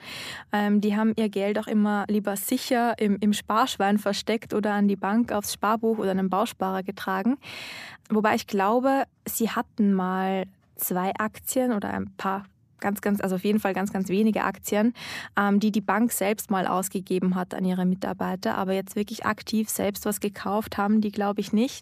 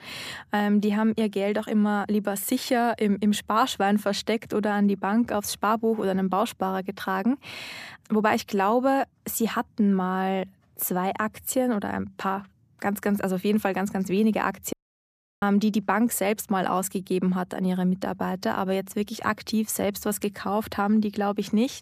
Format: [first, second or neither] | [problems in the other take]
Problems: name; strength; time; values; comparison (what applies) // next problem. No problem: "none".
first | audio cutting out; at 15 s for 0.5 s